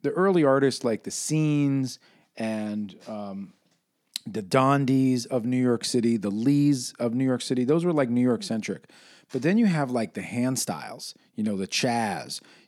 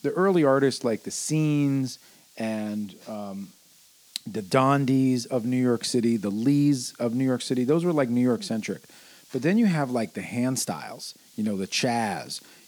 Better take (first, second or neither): first